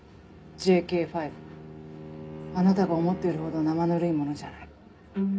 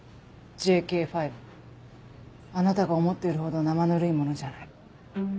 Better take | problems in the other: second | background sound (Bowed string instrument); 15 dB below the speech // room echo; dies away in 0.3 s

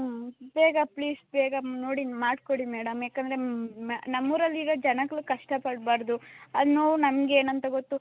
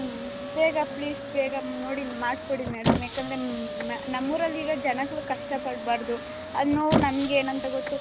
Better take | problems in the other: first | background sound (Squeak); 4 dB below the speech

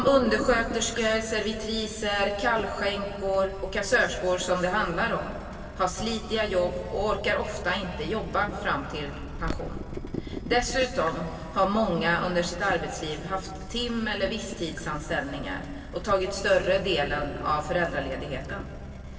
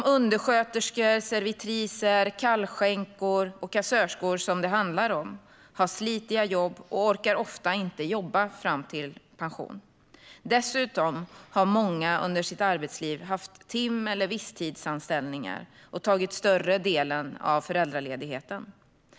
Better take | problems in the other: second | background sound (Drip / Water tap, faucet); 10 dB below the speech // room echo; dies away in 2.4 s

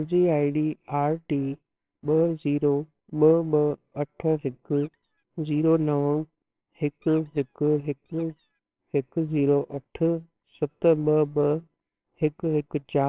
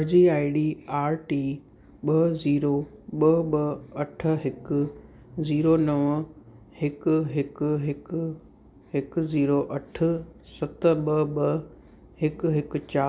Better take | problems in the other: second | noise reduction (neural separator model SepFormer WHAMR!)

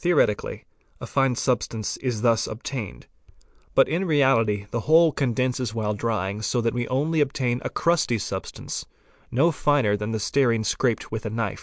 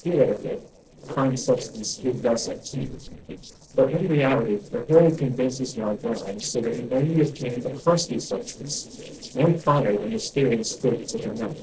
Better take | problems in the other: first | noise reduction (neural separator model SepFormer DNS4)

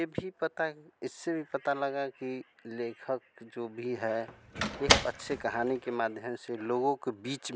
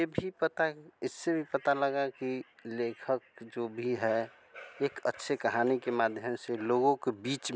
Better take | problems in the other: second | background sound (Slam); 3 dB above the speech

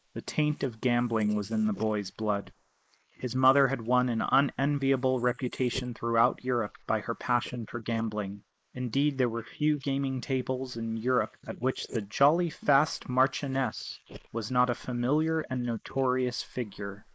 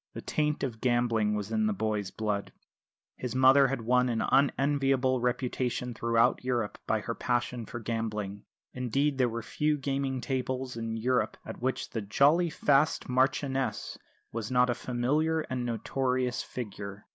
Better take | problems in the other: second | noise reduction (neural mask model Resemble Enhance denoiser)

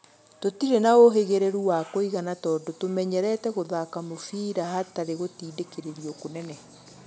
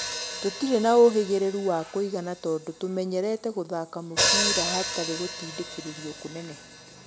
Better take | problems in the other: first | background sound (Hi-hat); 5 dB below the speech

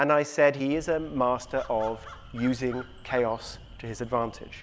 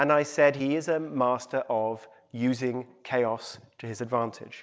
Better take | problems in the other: second | background sound (Crow); 17 dB below the speech

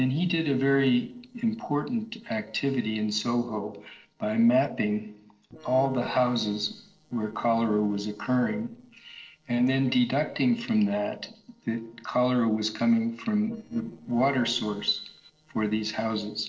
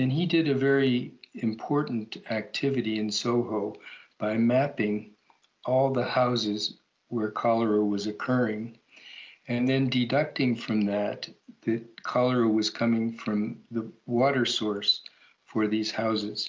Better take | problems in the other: second | noise reduction (neural separator model SepFormer DNS4)

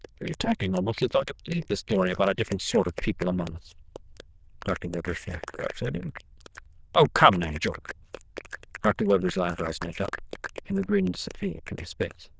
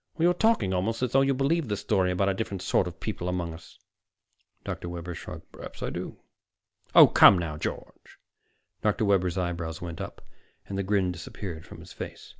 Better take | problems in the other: second | noise reduction (neural diffusion model UNIVERSE++)

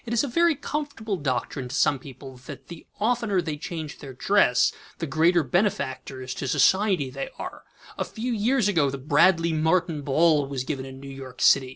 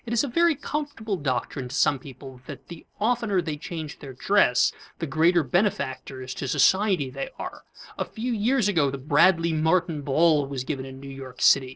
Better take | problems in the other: first | noise reduction (neural separator model SepFormer DNS4)

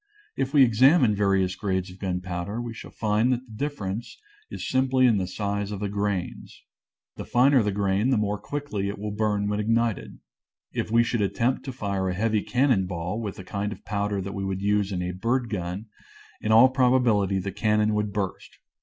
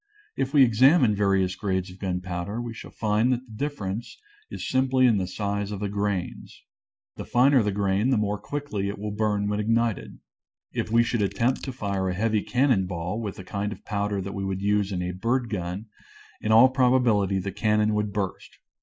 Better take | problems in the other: first | noise reduction (neural mask model Resemble Enhance denoiser)

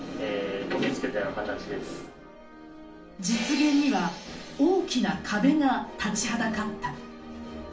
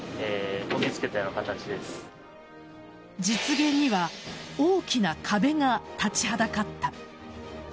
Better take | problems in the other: second | room echo; dies away in 0.4 s

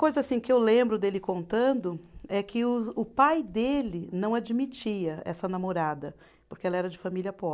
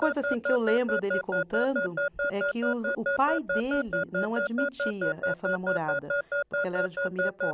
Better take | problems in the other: first | background sound (Alarm / Keyboard (musical)); 1 dB above the speech

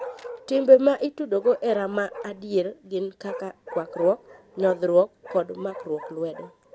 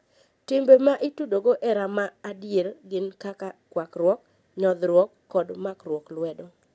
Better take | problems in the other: second | background sound (Bark); 16 dB below the speech

